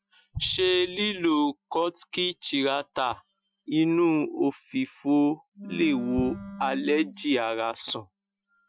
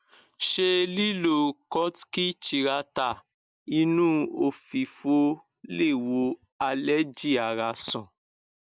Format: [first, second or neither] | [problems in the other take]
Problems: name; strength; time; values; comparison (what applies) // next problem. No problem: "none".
second | noise reduction (classical method Wiener filter)